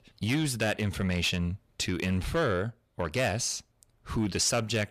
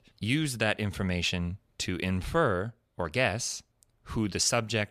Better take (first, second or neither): second